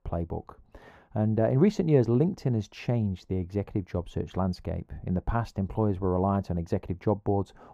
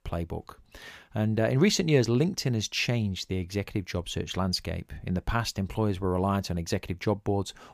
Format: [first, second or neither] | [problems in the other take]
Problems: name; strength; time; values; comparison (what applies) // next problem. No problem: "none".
second | muffled; very; fading above 1.5 kHz